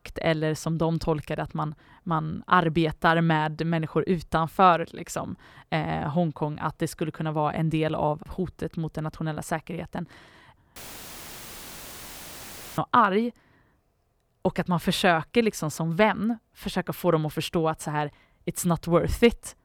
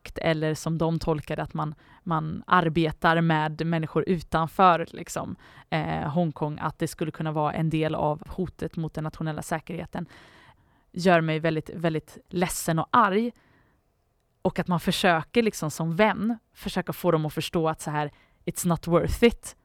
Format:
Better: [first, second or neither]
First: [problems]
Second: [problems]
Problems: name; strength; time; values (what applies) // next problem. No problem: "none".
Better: second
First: audio cutting out; filled with static; at 11 s for 2 s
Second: none